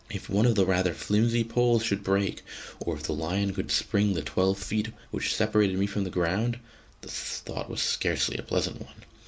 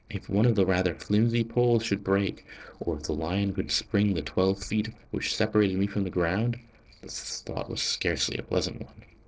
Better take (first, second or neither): first